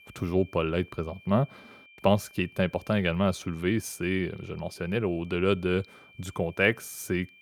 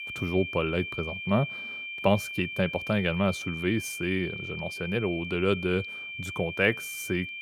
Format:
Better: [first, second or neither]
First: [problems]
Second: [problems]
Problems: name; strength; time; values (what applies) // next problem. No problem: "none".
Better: first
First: high-pitched whine; faint; throughout; 2.5 kHz, 25 dB below the speech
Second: high-pitched whine; loud; throughout; 2.5 kHz, 6 dB below the speech